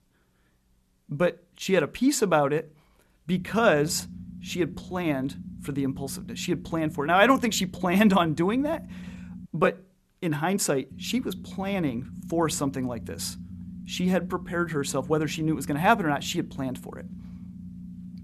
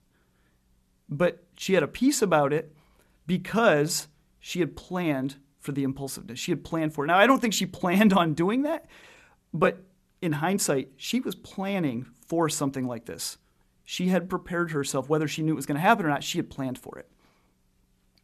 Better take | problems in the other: second | low rumble; faint; from 3.5 to 9.5 s and from 11 s on; 25 dB below the speech

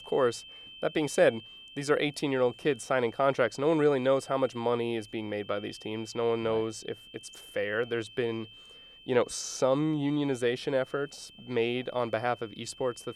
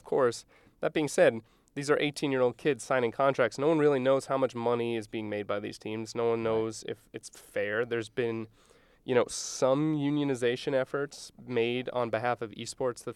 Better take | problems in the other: second | high-pitched whine; noticeable; throughout; 3 kHz, 20 dB below the speech

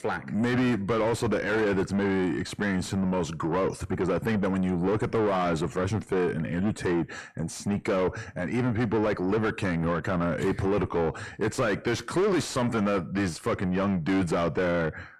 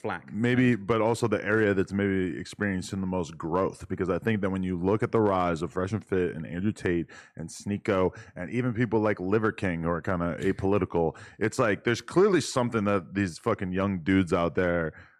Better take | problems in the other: second | distortion; heavy; 6 dB below the speech

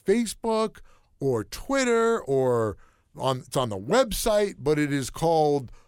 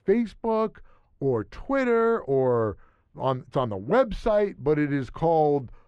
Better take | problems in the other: first | muffled; very; fading above 2 kHz

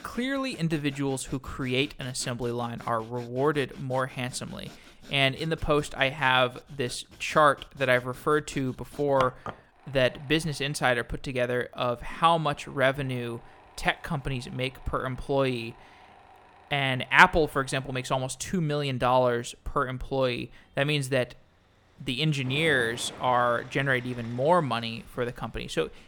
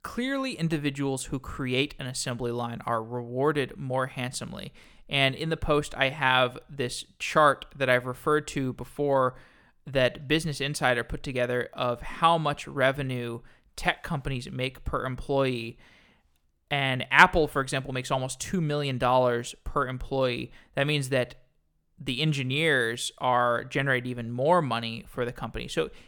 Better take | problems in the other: second | machinery noise; faint; throughout; 20 dB below the speech

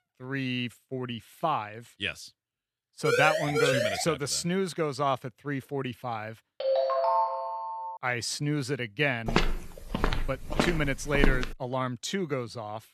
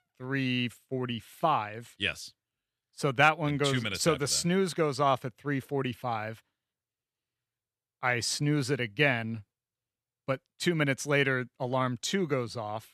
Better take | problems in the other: second | siren; loud; from 3 to 4 s; peak 4 dB above the speech // phone ringing; loud; from 6.5 to 8 s; peak 5 dB above the speech // footsteps; loud; from 9.5 to 12 s; peak 2 dB above the speech

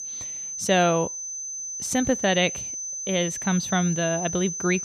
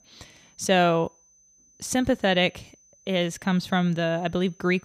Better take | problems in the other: second | high-pitched whine; loud; throughout; 6 kHz, 6 dB below the speech; faint in the second

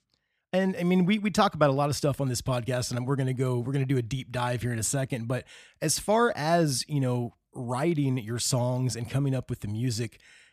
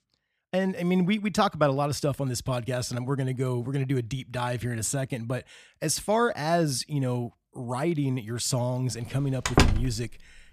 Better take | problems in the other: first | door banging; loud; at 9.5 s; peak 5 dB above the speech

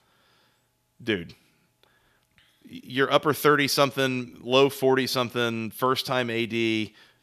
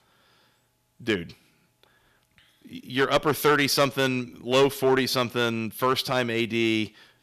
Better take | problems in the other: first | distortion; slight; 2% of the sound clipped

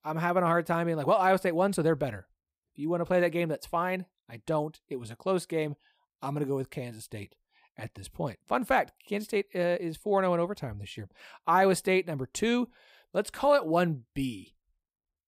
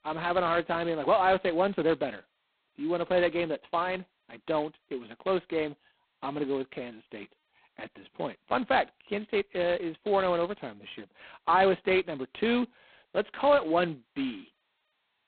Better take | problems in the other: first | phone-call audio; poor line; nothing above 4 kHz

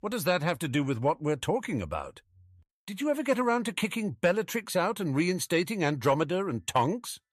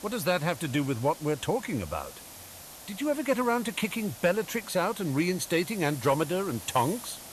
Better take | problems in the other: first | hiss; noticeable; throughout; 15 dB below the speech

